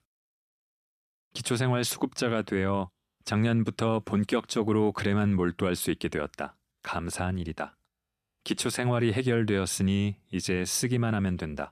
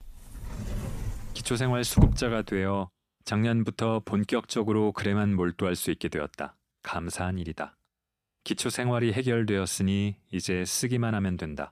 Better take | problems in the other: first | door banging; loud; from 0.5 to 2 s; peak 5 dB above the speech

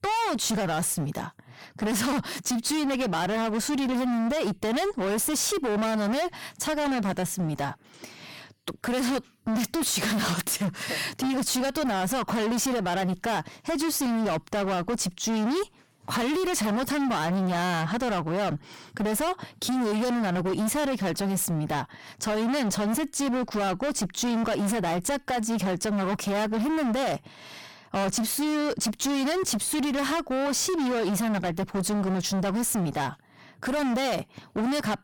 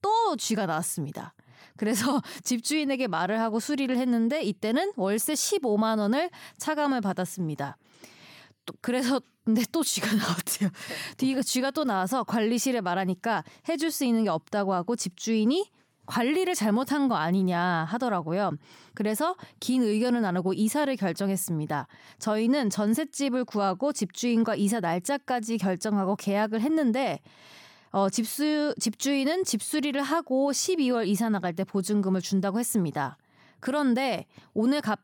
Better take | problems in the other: second | distortion; heavy; 37% of the sound clipped

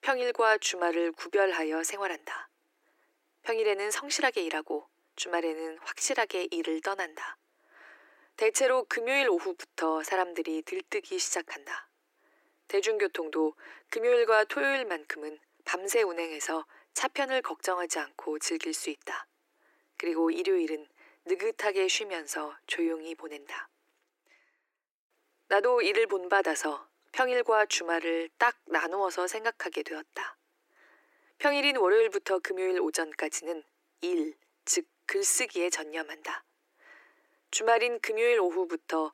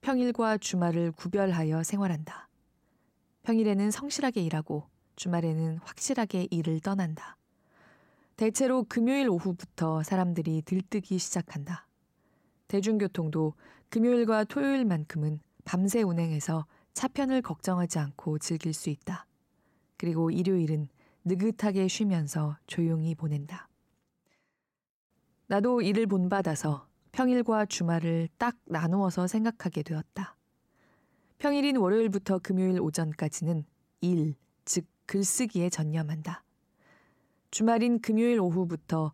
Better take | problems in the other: second | thin; very; fading below 300 Hz

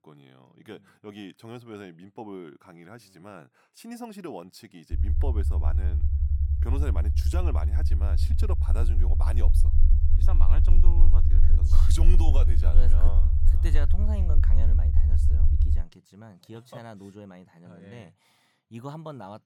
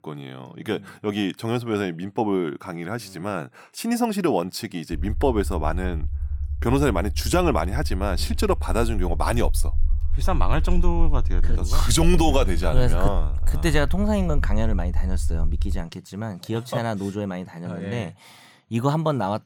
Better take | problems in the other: second | low rumble; loud; from 5 to 16 s; 2 dB below the speech; faint in the second

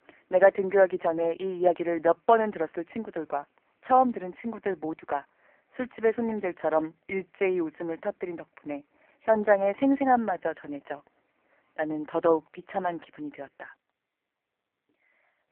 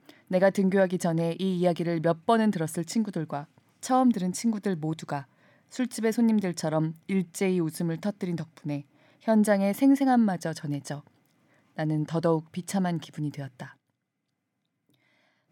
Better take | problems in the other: second | phone-call audio; poor line

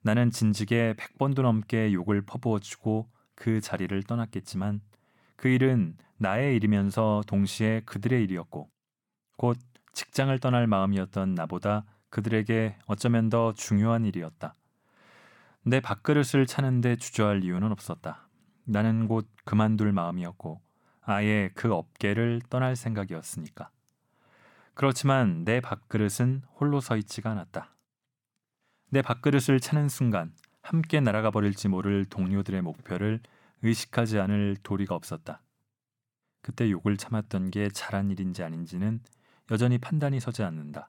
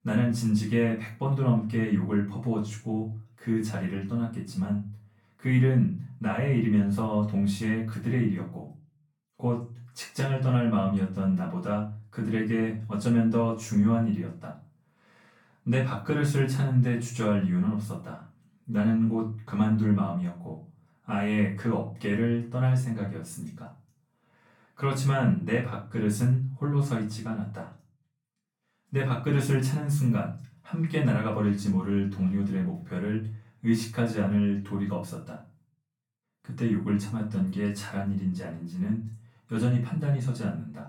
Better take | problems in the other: first | off-mic speech; far // room echo; slight; dies away in 0.3 s

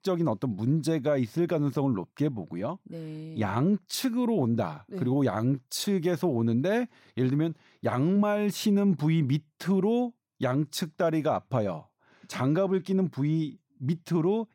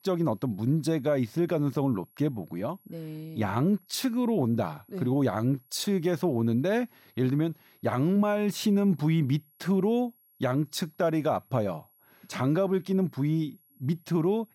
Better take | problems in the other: first | high-pitched whine; faint; throughout; 11.5 kHz, 35 dB below the speech

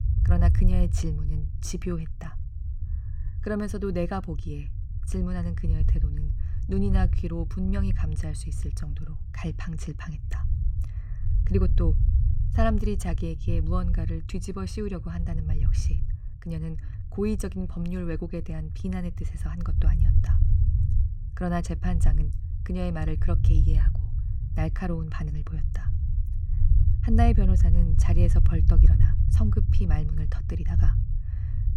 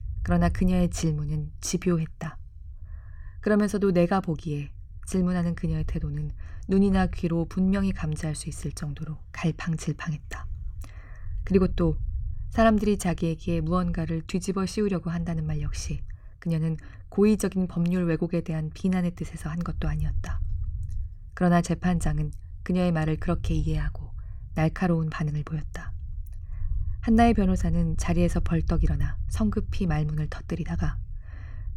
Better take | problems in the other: second | low rumble; loud; throughout; 8 dB below the speech; faint in the second

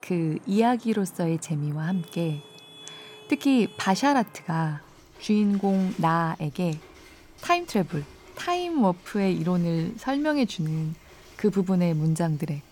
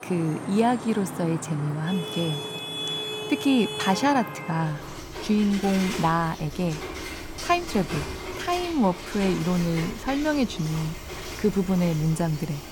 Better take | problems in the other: first | traffic noise; loud; throughout; 8 dB below the speech; faint in the first

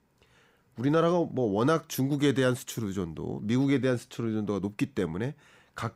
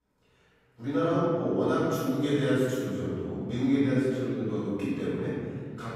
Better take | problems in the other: first | room echo; strong; dies away in 2.1 s // off-mic speech; far

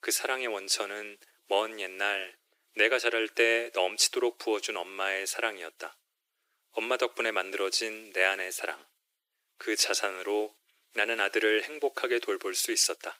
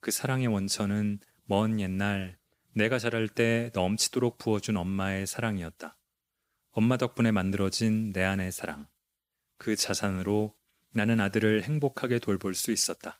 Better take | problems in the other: second | thin; very; fading below 350 Hz

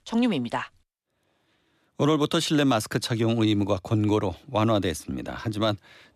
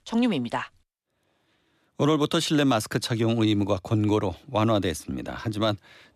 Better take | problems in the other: neither | none

